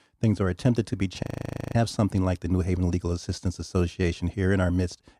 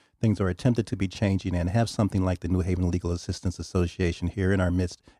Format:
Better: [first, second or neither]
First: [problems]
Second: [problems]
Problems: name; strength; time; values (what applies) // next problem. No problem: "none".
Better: second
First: audio freezing; at 1 s for 0.5 s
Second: none